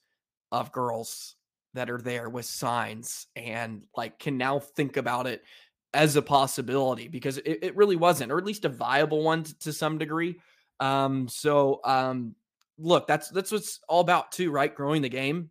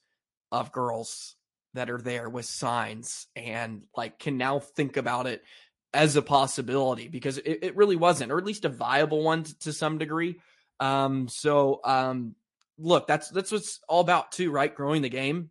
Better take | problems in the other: first | garbled, watery; slightly; nothing above 11 kHz

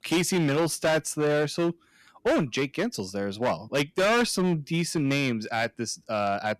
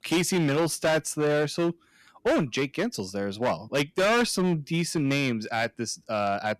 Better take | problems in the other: neither | distortion; heavy; 12% of the sound clipped; the same in both

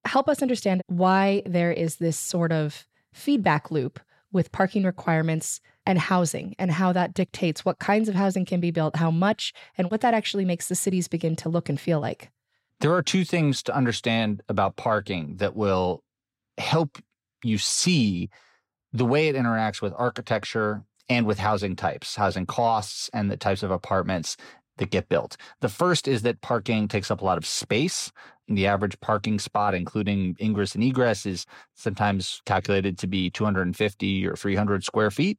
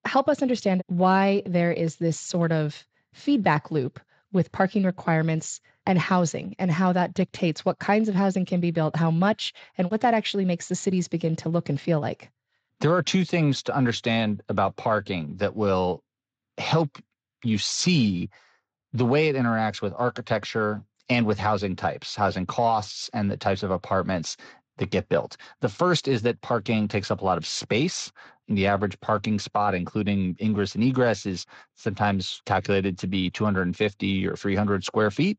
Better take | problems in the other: first | garbled, watery; slightly; nothing above 7.5 kHz

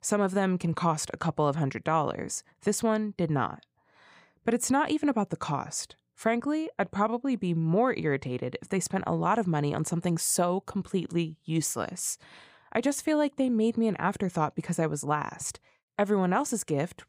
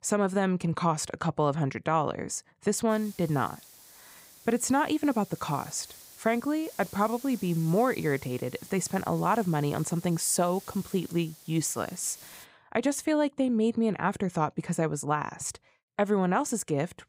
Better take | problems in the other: first | hiss; noticeable; from 3 to 12 s; 20 dB below the speech

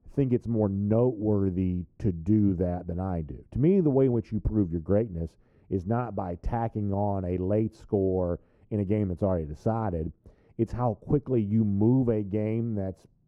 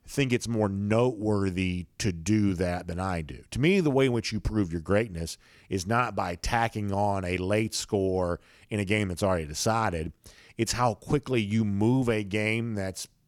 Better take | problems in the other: second | muffled; very; fading above 1.5 kHz

